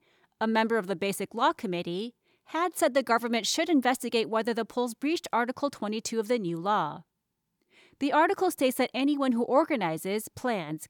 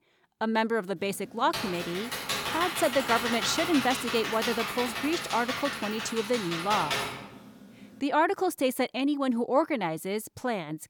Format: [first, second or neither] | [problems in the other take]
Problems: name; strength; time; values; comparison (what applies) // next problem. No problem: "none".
first | keyboard typing; loud; from 1.5 to 8 s; peak level with the speech